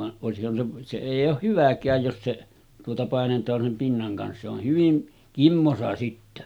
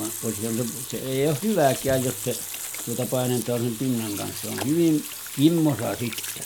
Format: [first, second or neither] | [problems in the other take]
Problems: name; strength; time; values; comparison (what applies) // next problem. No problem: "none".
first | background sound (Sink (filling or washing) / Water tap, faucet); 9 dB below the speech